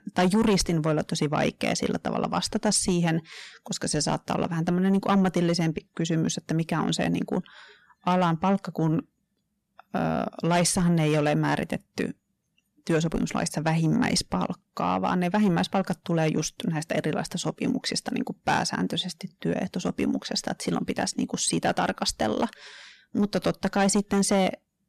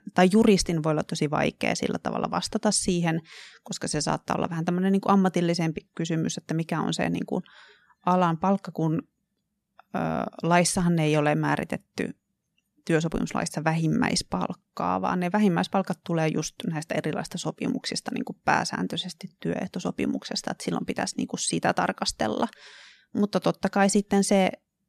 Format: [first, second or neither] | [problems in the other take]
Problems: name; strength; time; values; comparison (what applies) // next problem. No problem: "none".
second | distortion; slight; 10 dB below the speech